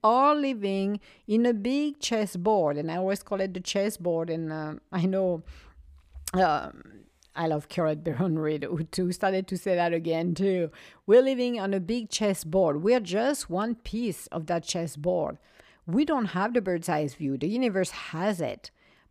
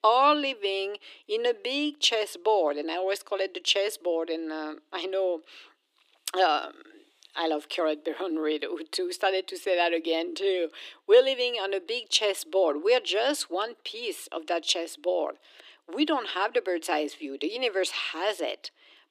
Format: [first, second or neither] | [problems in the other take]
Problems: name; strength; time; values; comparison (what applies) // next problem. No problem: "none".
first | thin; somewhat; fading below 300 Hz